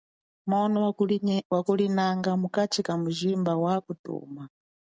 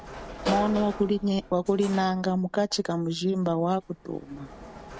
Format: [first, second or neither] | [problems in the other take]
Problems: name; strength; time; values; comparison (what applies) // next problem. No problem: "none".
first | background sound (Sliding door / Slam); 12 dB below the speech